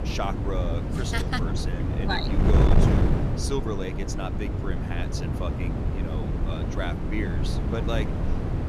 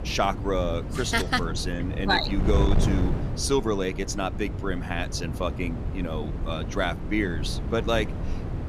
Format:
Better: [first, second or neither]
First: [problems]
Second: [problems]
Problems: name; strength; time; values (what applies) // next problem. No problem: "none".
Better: second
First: wind noise on the microphone; heavy; 1 dB below the speech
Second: wind noise on the microphone; occasional gusts; 10 dB below the speech